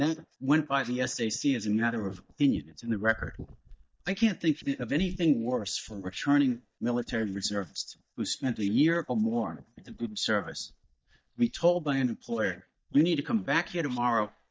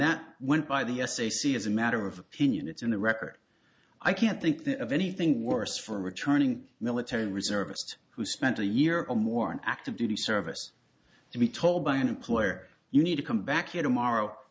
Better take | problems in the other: second | noise reduction (neural mask model DeepFilterNet 3)

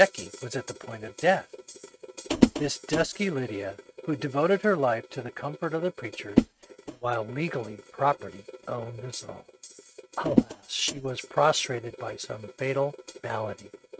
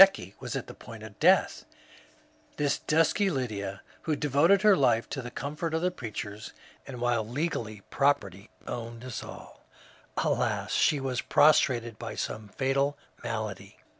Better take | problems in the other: second | noise reduction (neural mask model RNNoise)

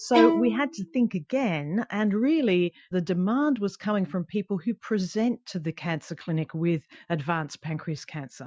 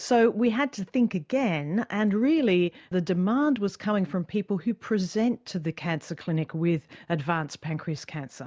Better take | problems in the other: second | noise reduction (classical method Wiener filter)

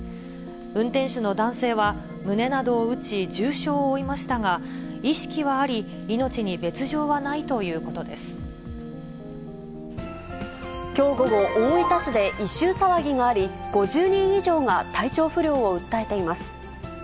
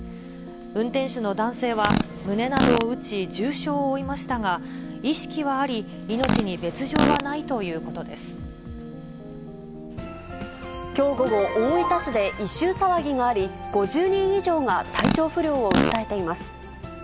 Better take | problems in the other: first | background sound (Fart); 2 dB below the speech

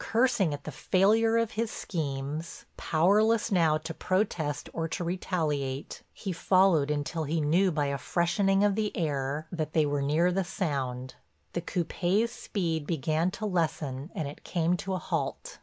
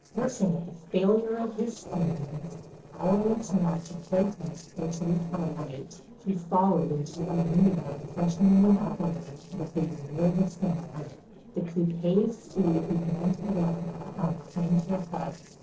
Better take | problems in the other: first | noise reduction (neural separator model SepFormer DNS4)

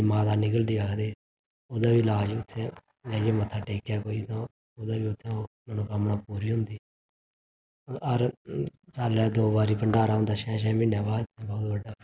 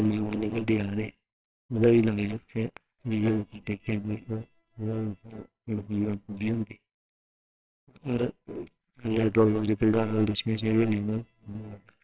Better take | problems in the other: first | noise reduction (neural separator model SepFormer WHAMR!)

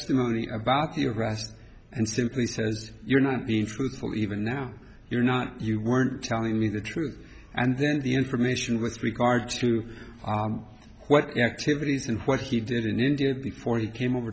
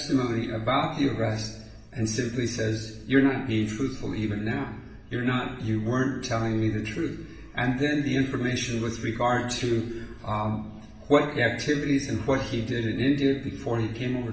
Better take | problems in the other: first | room echo; dies away in 0.8 s

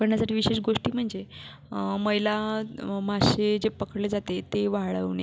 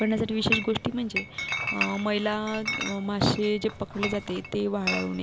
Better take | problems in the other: first | background sound (Chatter / Chink, clink); 6 dB below the speech

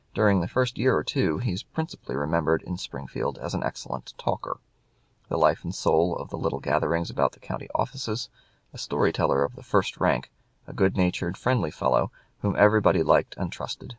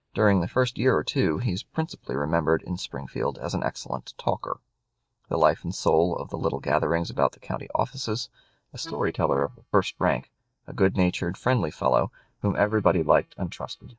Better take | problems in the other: first | noise reduction (neural mask model DeepFilterNet 3)

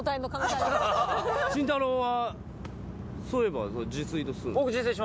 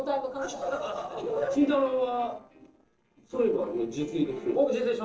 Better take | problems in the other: first | noise reduction (neural separator model SepFormer DNS4)

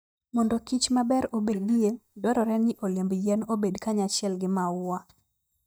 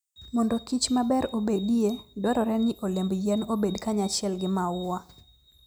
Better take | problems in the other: second | noise reduction (neural mask model DeepFilterNet 3)

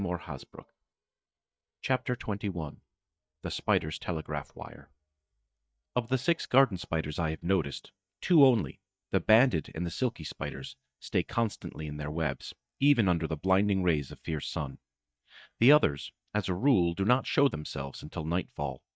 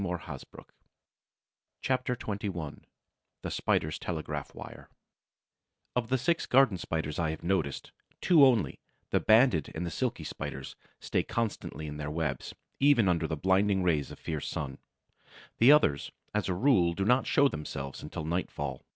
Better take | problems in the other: second | noise reduction (neural mask model DeepFilterNet 3)

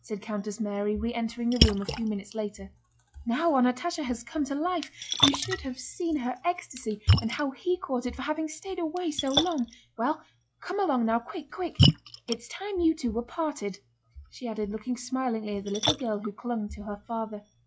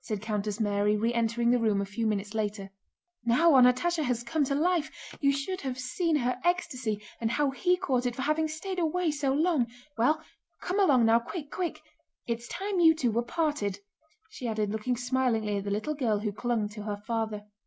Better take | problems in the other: second | noise reduction (classical method log-MMSE)

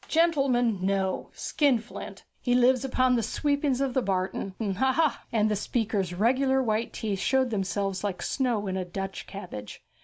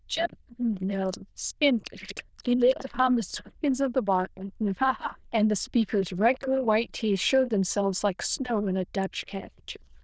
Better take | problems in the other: first | noise reduction (neural diffusion model UNIVERSE++)

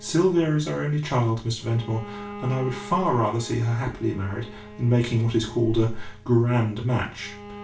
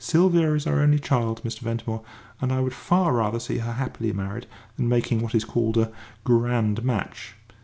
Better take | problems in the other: second | background sound (Bowed string instrument); 18 dB below the speech // room echo; dies away in 0.3 s

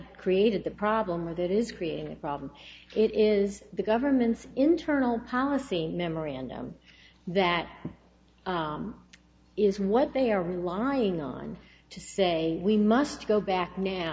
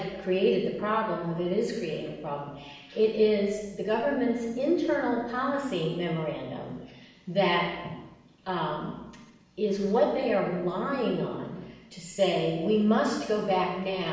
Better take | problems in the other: first | room echo; dies away in 0.9 s

